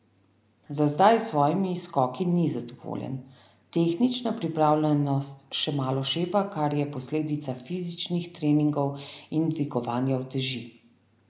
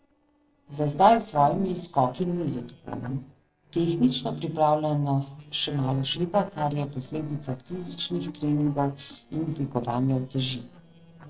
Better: first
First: none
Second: noise reduction (neural separator model SepFormer DNS4)

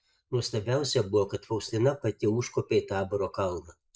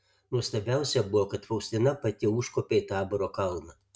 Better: second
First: noise reduction (neural mask model Resemble Enhance denoiser)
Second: none

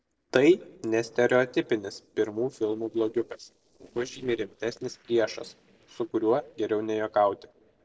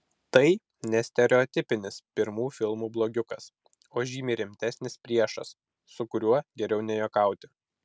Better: second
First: noise reduction (neural separator model SepFormer DNS4)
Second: none

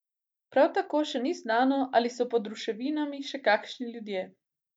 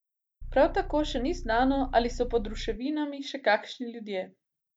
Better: first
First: none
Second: background sound (Idling / Car); 7 dB below the speech

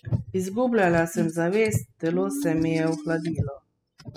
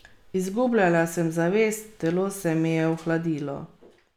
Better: second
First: noise reduction (classical method spectral subtraction)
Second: none

